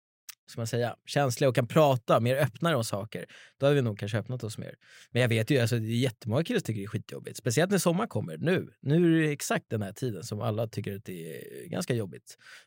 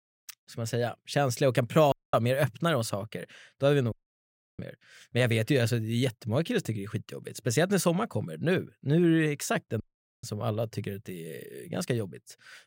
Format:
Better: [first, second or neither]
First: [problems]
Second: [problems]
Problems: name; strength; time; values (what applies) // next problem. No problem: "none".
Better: first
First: none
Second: audio cutting out; at 2 s, at 4 s for 0.5 s and at 10 s